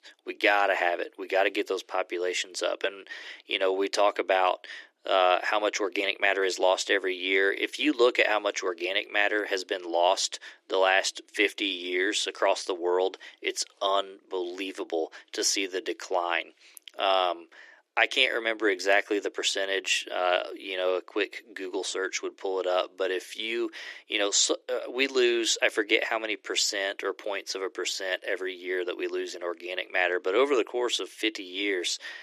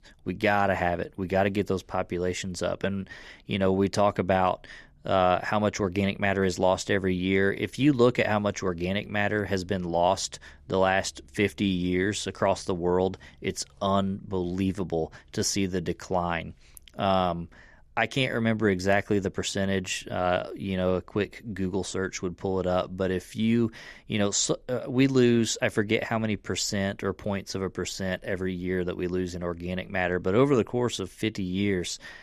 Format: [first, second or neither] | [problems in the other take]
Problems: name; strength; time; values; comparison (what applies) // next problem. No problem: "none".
second | thin; very; fading below 300 Hz